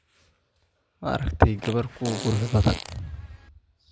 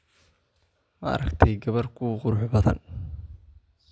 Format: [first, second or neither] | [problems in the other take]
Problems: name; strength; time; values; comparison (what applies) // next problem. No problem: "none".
second | background sound (Fart); 12 dB below the speech